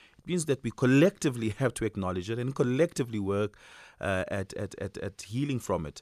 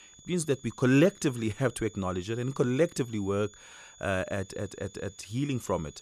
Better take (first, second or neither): first